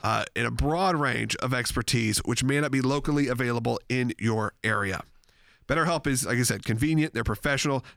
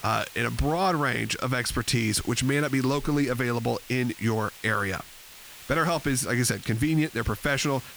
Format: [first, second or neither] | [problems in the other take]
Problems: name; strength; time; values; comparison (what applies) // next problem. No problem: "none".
first | hiss; noticeable; throughout; 15 dB below the speech